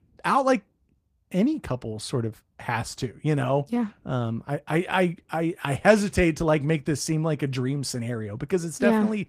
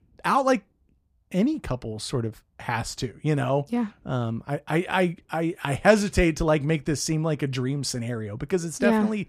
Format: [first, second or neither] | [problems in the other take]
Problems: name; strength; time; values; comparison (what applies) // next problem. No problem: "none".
second | garbled, watery; slightly; nothing above 15 kHz